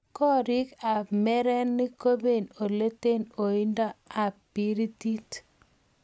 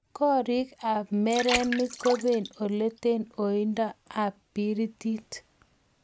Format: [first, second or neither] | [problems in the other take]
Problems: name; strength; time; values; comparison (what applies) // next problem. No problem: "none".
first | background sound (Water); 10 dB below the speech